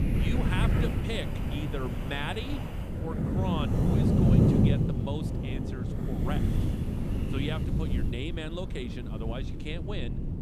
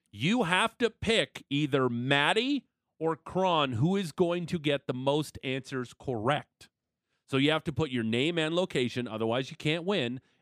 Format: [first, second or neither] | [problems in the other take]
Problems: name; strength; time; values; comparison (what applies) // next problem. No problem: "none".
second | wind noise on the microphone; heavy; 1 dB above the speech